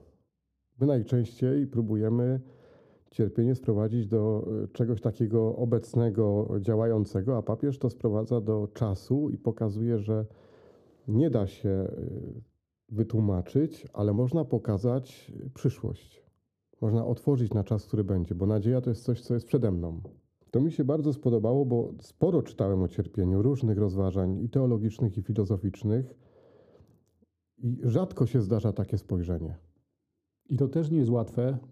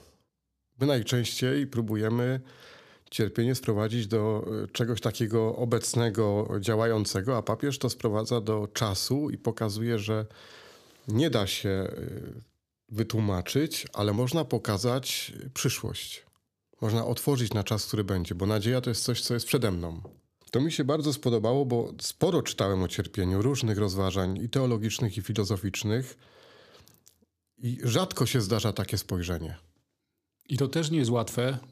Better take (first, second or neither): second